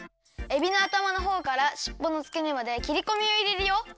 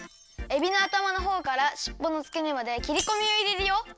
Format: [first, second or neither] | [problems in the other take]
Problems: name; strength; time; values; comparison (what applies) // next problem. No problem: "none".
first | background sound (Shatter); 17 dB below the speech